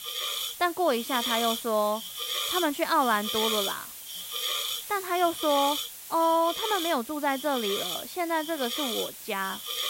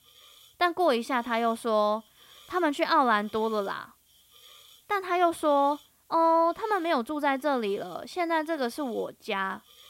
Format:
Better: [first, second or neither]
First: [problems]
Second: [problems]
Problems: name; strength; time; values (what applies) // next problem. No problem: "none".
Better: second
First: hiss; loud; throughout; 3 dB below the speech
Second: hiss; faint; throughout; 25 dB below the speech